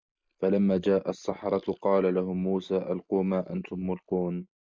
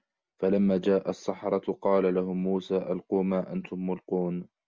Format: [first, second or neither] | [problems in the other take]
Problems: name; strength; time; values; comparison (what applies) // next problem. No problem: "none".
second | noise reduction (neural mask model Resemble Enhance denoiser)